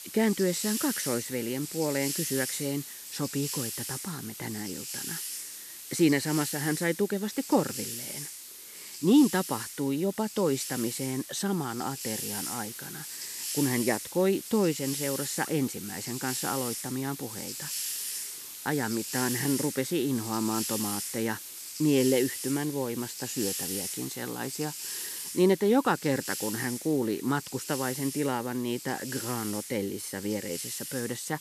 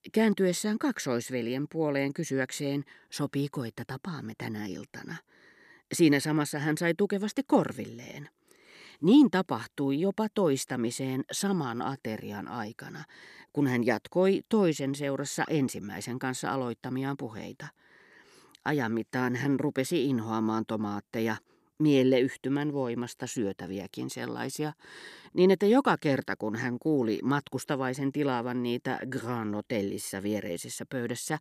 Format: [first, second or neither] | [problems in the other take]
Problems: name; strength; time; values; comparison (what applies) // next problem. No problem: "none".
second | hiss; loud; throughout; 5 dB below the speech